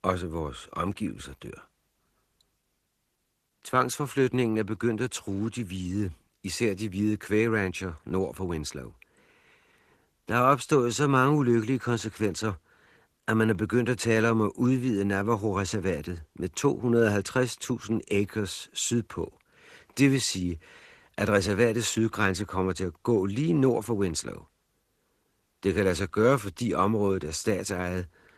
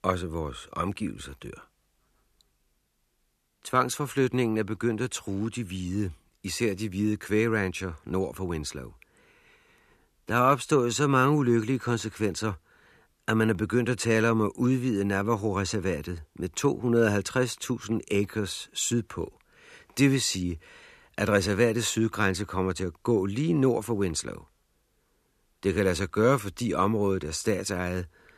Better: second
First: garbled, watery; slightly; nothing above 14 kHz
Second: none

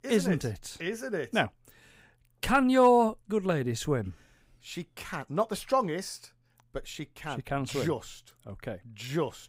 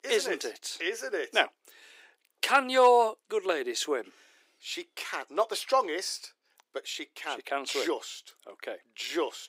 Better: first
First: none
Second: thin; very; fading below 350 Hz

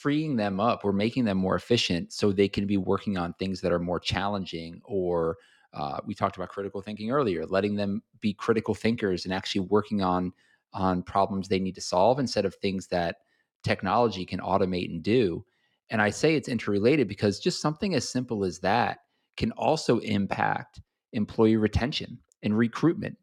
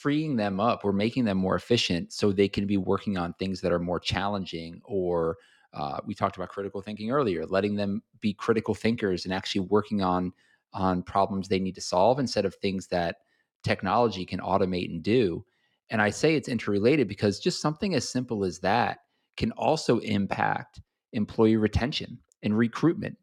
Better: neither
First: none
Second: none

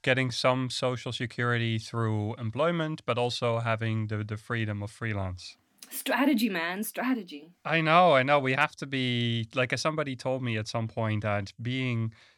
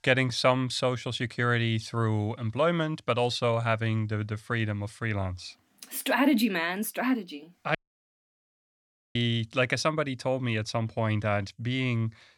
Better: first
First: none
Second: audio cutting out; at 8 s for 1.5 s

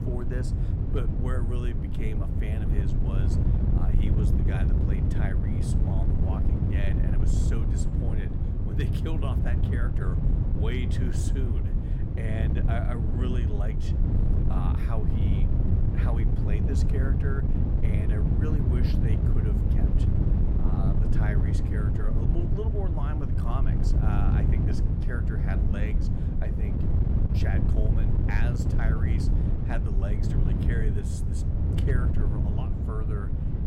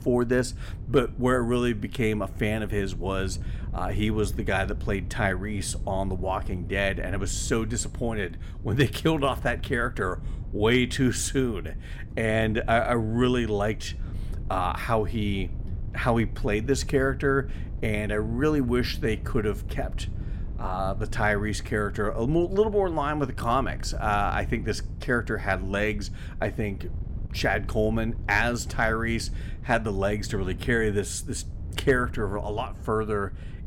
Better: second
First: wind noise on the microphone; heavy; 2 dB above the speech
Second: wind noise on the microphone; occasional gusts; 20 dB below the speech

